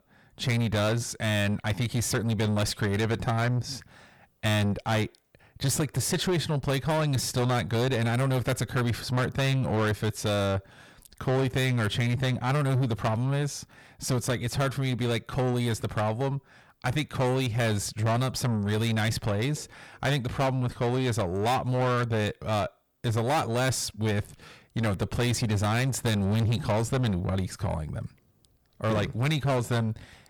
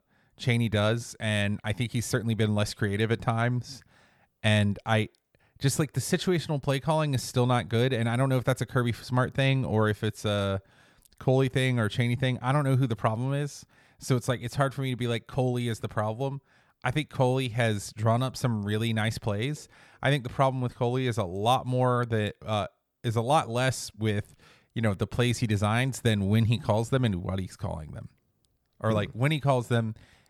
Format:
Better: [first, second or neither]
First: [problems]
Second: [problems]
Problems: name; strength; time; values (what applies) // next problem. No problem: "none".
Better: second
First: distortion; heavy; 7 dB below the speech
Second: none